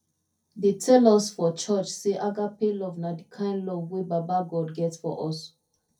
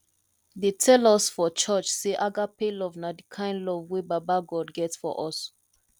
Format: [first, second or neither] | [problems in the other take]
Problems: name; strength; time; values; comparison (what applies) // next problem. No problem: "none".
second | room echo; dies away in 0.3 s